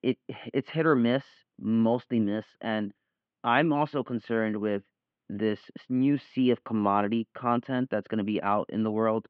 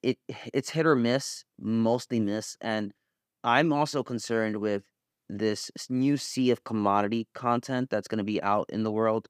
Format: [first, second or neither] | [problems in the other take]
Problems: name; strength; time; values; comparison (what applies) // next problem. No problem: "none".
second | muffled; very; fading above 3 kHz